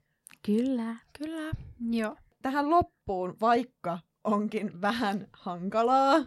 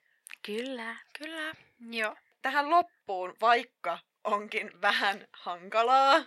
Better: first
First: none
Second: thin; somewhat; fading below 550 Hz

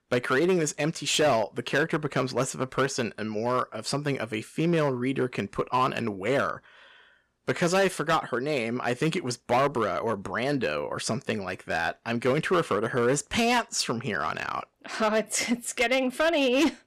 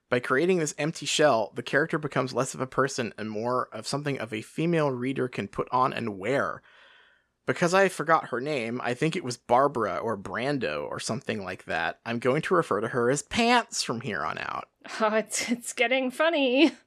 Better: second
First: distortion; slight; 5% of the sound clipped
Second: none

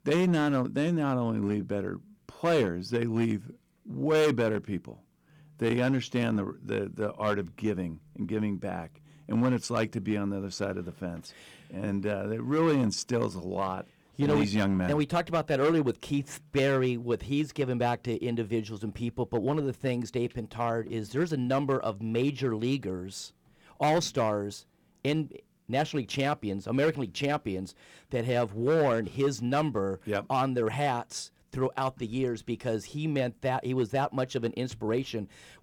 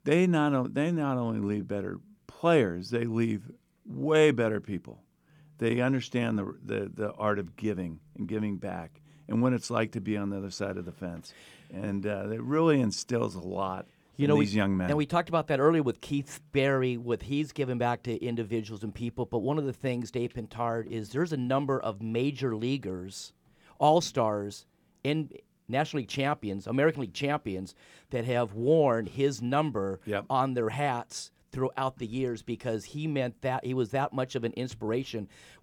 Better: second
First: distortion; slight; 4% of the sound clipped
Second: none

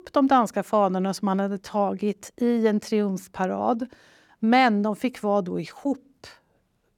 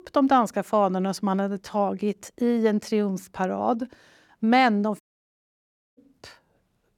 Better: first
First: none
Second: audio cutting out; at 5 s for 1 s

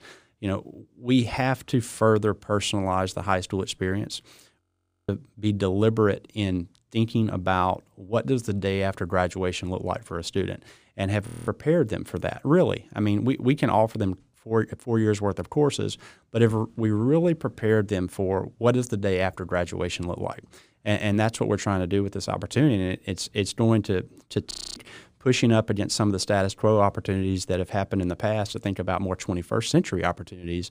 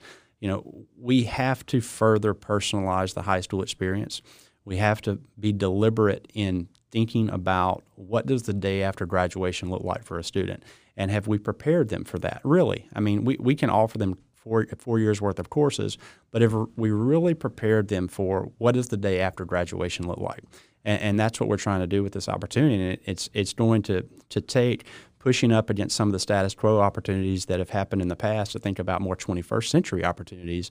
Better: second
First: audio freezing; at 4.5 s, at 11 s and at 25 s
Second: none

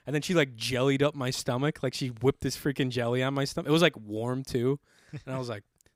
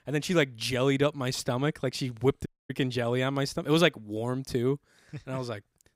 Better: first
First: none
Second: audio cutting out; at 2.5 s

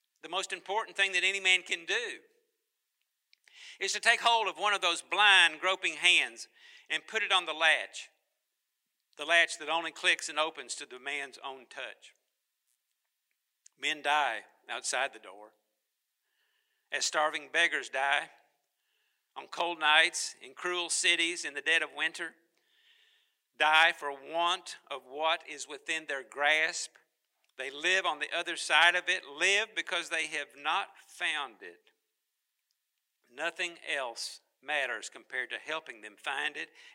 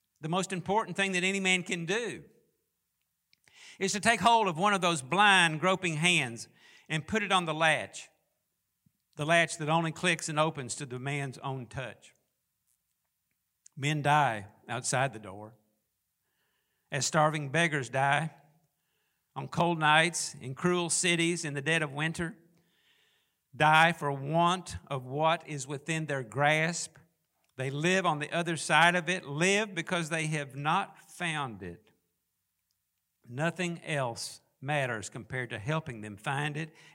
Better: second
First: thin; very; fading below 350 Hz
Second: none

